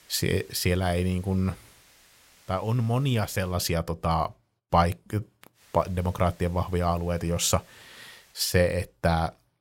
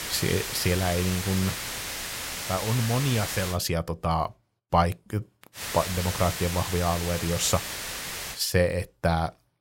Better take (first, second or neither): first